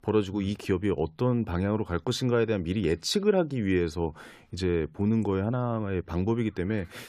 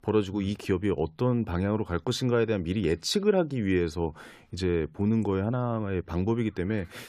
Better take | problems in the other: neither | none

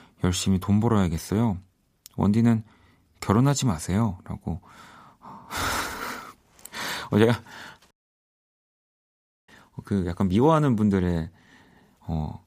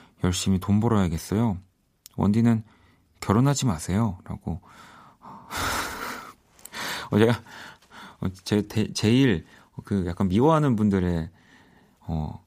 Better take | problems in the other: second | audio cutting out; at 8 s for 1.5 s

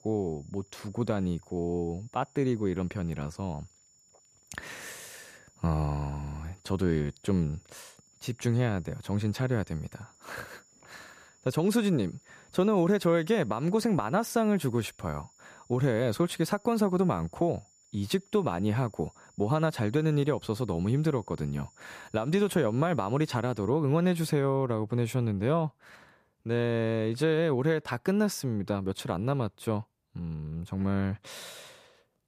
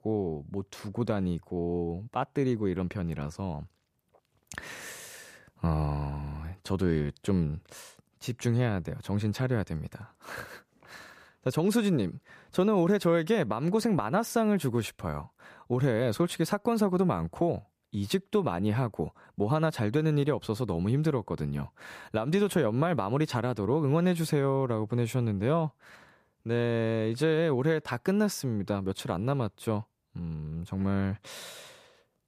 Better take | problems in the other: second | high-pitched whine; faint; until 24 s; 7 kHz, 30 dB below the speech

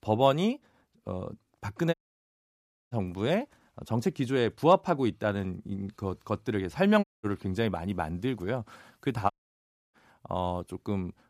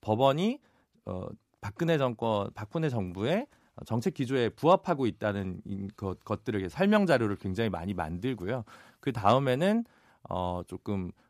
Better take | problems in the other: second | audio cutting out; at 2 s for 1 s, at 7 s and at 9.5 s for 0.5 s

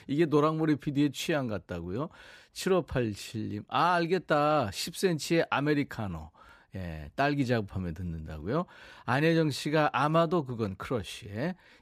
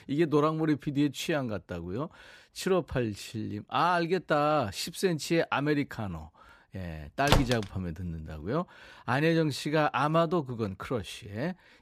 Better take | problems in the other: first | door banging; loud; at 7.5 s; peak 2 dB above the speech

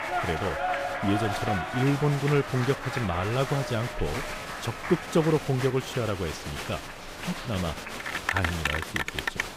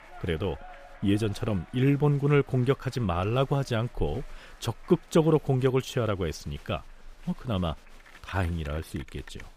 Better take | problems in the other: second | crowd noise; loud; throughout; 3 dB below the speech; faint in the second

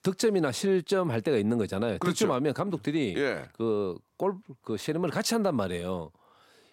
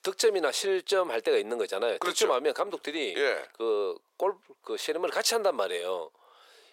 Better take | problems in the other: first | thin; very; fading below 450 Hz

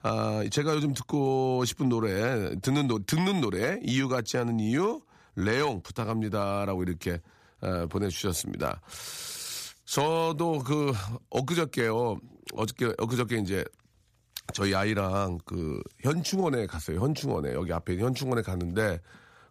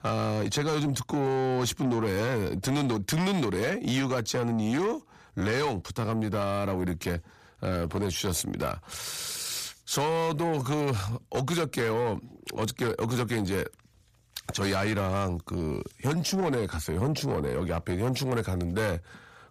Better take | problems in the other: first | distortion; slight; 10 dB below the speech

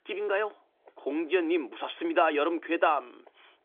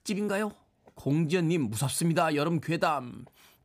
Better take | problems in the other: second | phone-call audio; nothing above 3.5 kHz

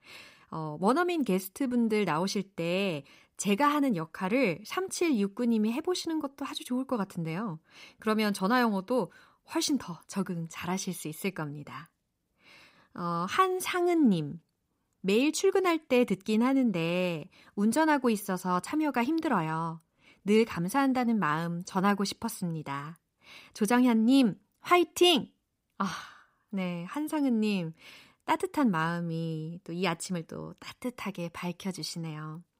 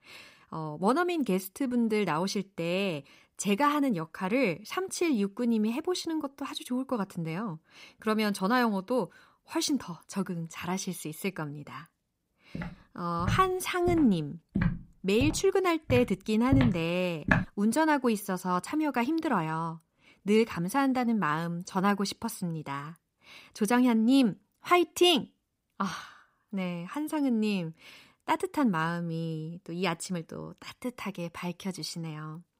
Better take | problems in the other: first | footsteps; loud; from 13 to 17 s; peak 2 dB above the speech

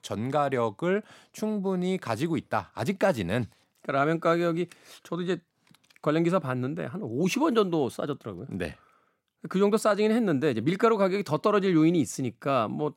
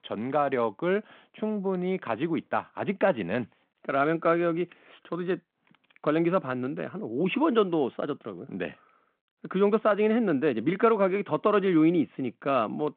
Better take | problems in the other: first | phone-call audio; nothing above 3.5 kHz

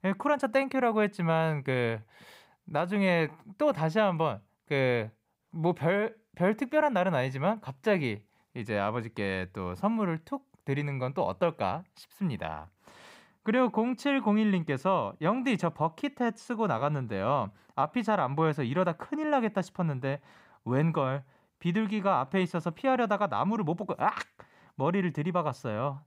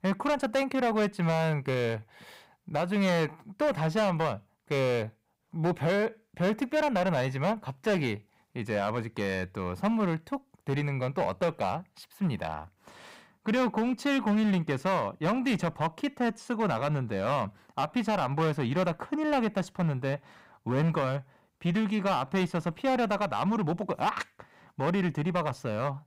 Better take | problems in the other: first | distortion; slight; 9% of the sound clipped

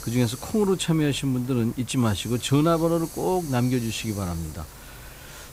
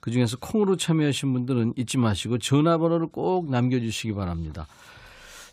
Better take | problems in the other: second | hiss; noticeable; throughout; 15 dB below the speech

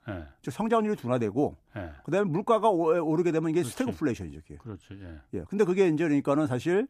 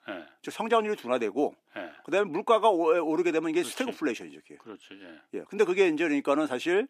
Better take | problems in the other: first | thin; very slightly; fading below 300 Hz

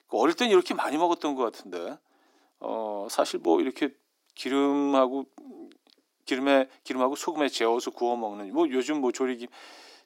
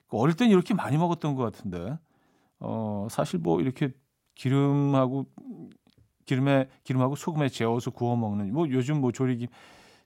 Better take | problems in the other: second | thin; somewhat; fading below 300 Hz

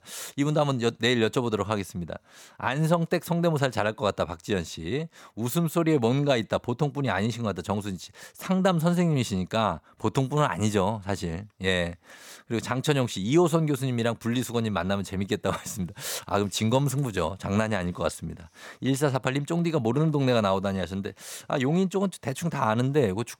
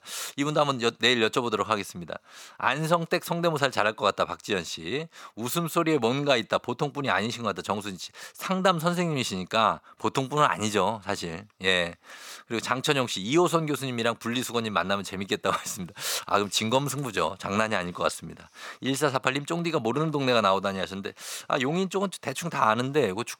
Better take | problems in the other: first | thin; very slightly; fading below 600 Hz

